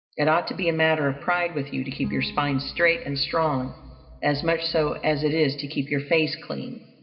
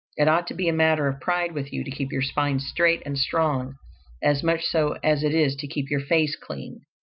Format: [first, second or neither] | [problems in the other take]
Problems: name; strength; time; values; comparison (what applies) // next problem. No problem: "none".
second | background sound (Bowed string instrument); 18 dB below the speech // room echo; dies away in 1.3 s